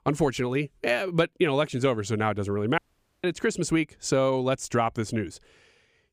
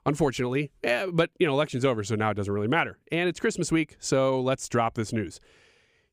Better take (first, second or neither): second